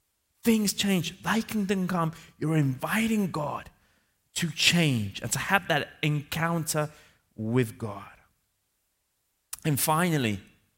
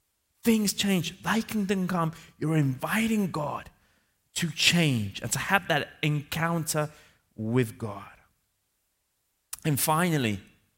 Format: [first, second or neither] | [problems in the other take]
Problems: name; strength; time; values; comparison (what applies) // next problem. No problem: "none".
neither | none